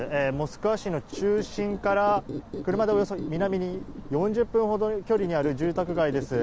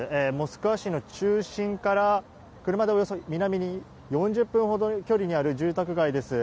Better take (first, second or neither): second